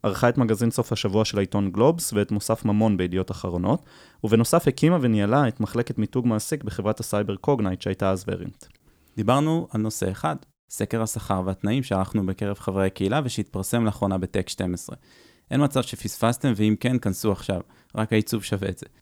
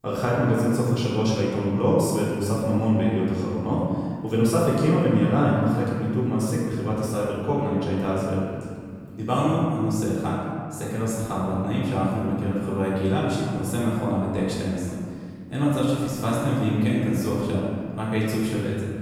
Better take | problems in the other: first | off-mic speech; far // room echo; strong; dies away in 2 s

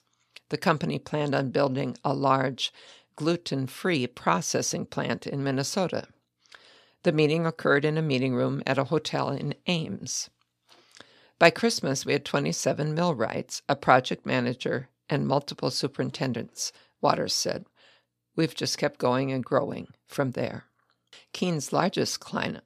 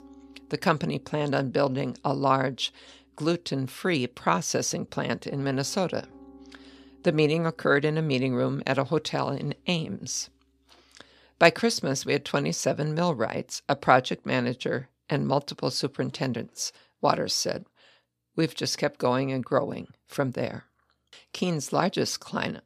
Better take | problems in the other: first | background music; faint; throughout; 30 dB below the speech

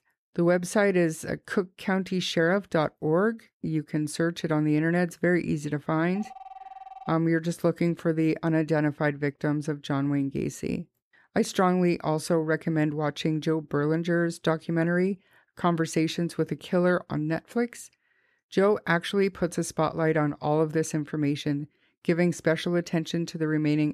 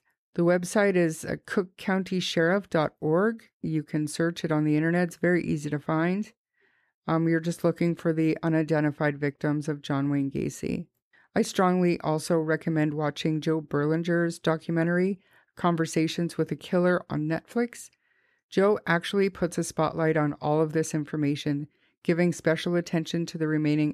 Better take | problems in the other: second | phone ringing; faint; from 6 to 7 s; peak 15 dB below the speech

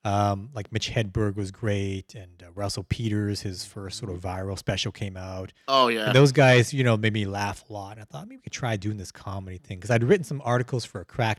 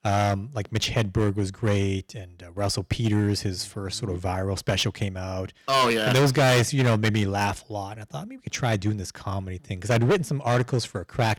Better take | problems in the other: first | distortion; heavy; 9% of the sound clipped

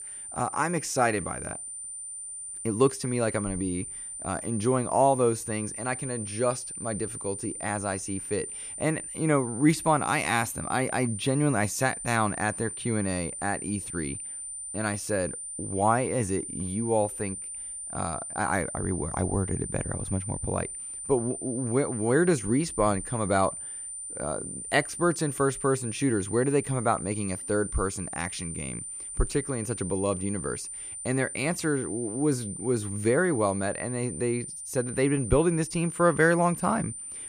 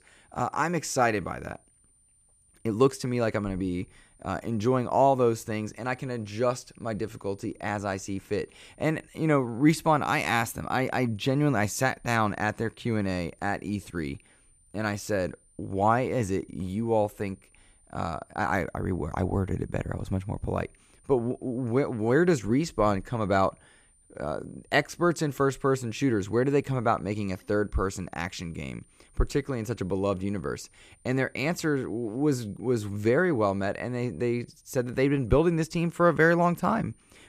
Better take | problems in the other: second | high-pitched whine; loud; throughout; 9 kHz, 7 dB below the speech; faint in the second

